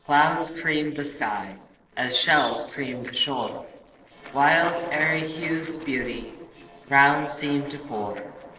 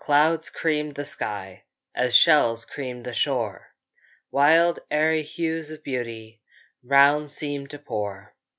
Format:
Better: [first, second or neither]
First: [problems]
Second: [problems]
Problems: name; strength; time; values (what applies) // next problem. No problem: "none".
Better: second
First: noise reduction (neural separator model SepFormer DNS4)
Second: none